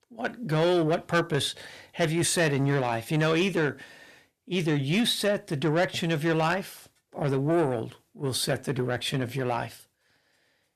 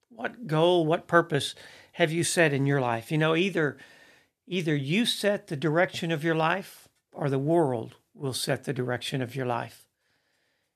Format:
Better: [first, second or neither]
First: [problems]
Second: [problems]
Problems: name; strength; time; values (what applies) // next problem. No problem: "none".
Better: second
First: distortion; slight; 10 dB below the speech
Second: none